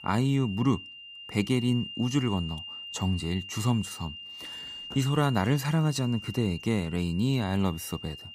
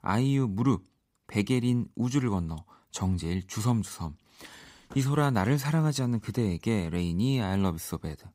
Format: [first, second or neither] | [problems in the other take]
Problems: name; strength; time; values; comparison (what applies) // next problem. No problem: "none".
second | high-pitched whine; noticeable; throughout; 3 kHz, 10 dB below the speech